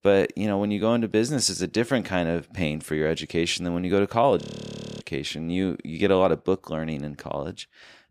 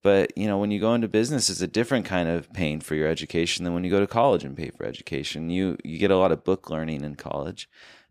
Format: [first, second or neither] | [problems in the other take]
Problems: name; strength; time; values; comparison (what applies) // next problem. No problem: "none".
second | audio freezing; at 4.5 s for 0.5 s